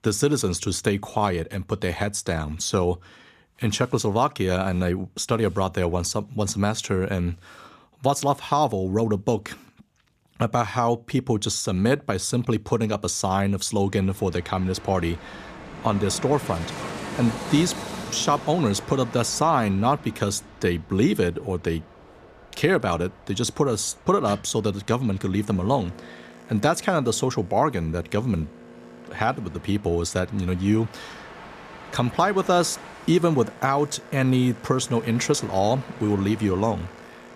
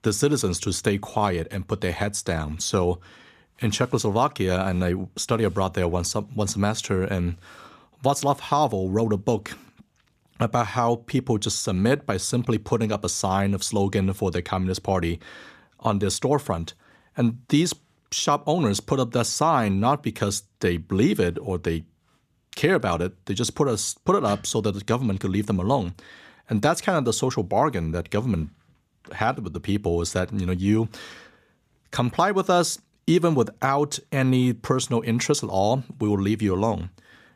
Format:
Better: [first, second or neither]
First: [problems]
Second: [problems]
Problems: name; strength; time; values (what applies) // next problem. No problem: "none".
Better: second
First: train or aircraft noise; noticeable; from 14 s on; 15 dB below the speech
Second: none